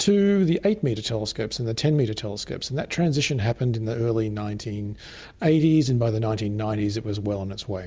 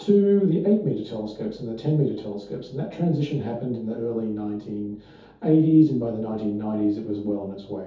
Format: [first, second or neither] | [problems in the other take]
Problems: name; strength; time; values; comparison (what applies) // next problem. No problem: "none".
first | room echo; dies away in 0.5 s